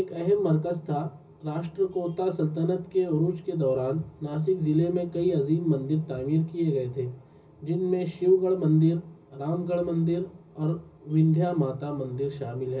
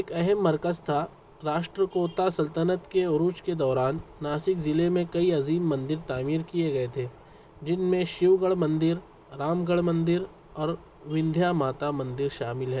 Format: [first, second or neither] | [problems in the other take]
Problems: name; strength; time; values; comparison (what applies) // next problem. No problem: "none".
second | room echo; dies away in 0.4 s